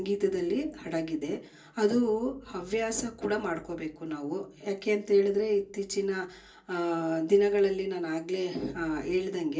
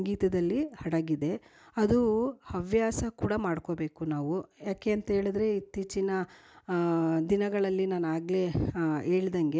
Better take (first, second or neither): second